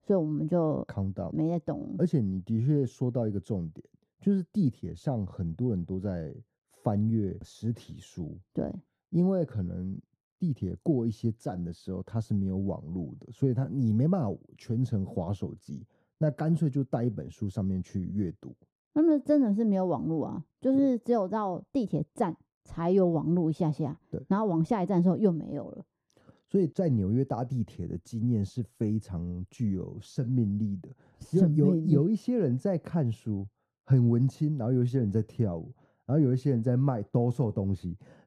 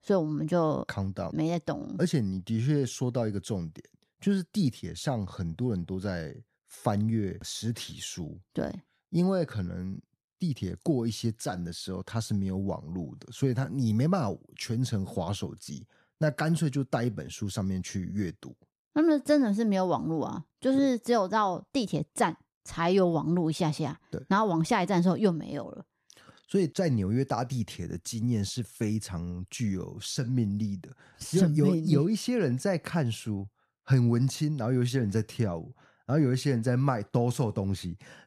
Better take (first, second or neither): second